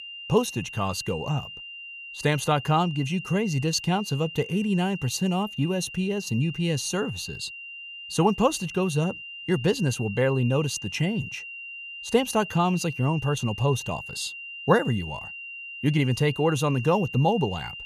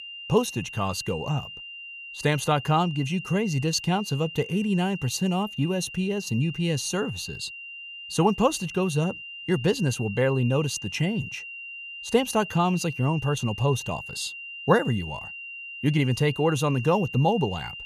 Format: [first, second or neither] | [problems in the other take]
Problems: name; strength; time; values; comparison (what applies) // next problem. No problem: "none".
neither | high-pitched whine; noticeable; throughout; 3 kHz, 10 dB below the speech; the same in both